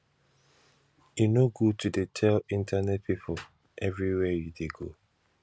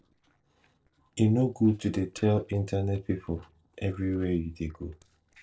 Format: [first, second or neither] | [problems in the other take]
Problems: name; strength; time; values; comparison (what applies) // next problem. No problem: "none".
first | noise reduction (neural separator model SepFormer DNS4)